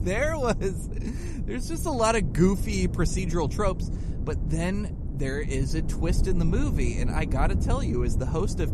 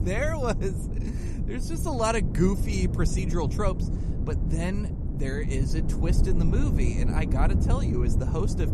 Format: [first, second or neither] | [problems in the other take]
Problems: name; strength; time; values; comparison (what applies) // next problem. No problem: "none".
first | wind noise on the microphone; heavy; 7 dB below the speech; occasional gusts in the first